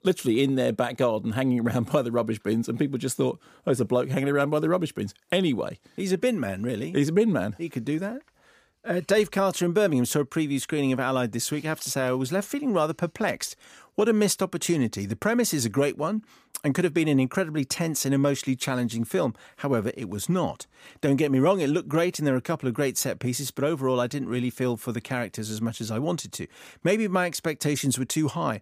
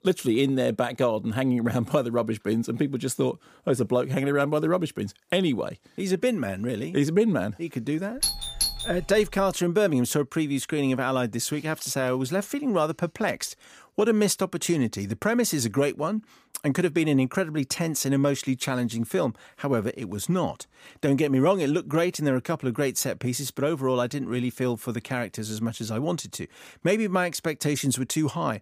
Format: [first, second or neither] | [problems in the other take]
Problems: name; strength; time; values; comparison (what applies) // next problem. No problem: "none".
first | doorbell; loud; from 8 to 9.5 s; peak level with the speech